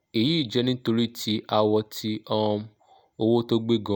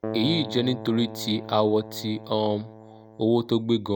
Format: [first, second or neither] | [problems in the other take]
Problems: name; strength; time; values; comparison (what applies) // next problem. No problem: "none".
first | background sound (Keyboard (musical)); 12 dB below the speech